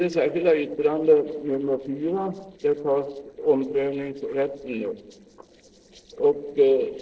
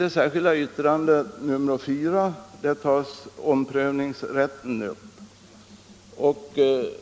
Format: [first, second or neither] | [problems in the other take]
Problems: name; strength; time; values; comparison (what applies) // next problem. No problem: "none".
second | noise reduction (neural separator model SepFormer DNS4)